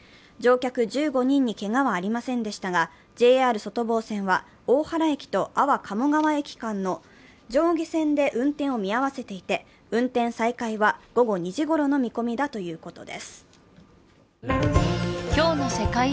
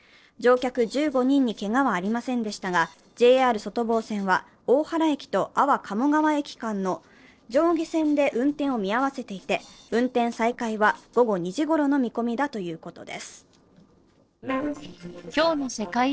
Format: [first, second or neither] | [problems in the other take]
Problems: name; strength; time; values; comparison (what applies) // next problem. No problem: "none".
first | noise reduction (neural separator model SepFormer DNS4)